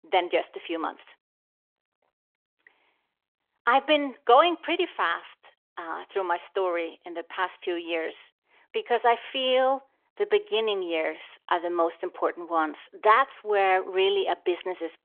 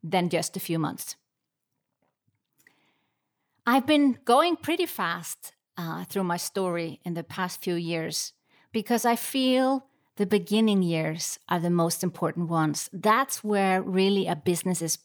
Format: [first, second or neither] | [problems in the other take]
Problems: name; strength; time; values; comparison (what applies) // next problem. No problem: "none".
second | phone-call audio; nothing above 3.5 kHz